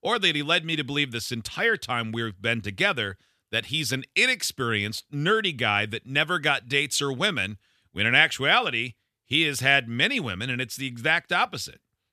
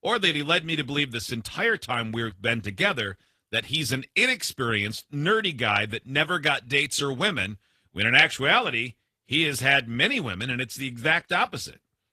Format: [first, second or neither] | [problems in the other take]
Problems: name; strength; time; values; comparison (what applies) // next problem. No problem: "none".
first | garbled, watery; slightly; nothing above 14.5 kHz